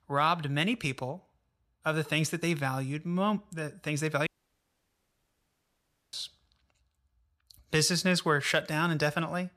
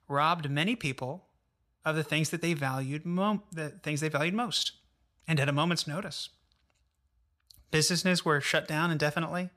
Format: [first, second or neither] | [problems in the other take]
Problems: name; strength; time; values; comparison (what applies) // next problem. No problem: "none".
second | audio cutting out; at 4.5 s for 2 s